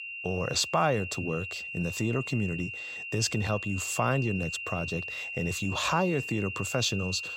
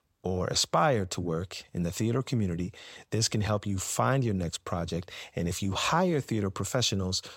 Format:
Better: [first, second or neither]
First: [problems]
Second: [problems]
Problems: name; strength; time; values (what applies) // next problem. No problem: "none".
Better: second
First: high-pitched whine; loud; throughout; 3 kHz, 5 dB below the speech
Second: none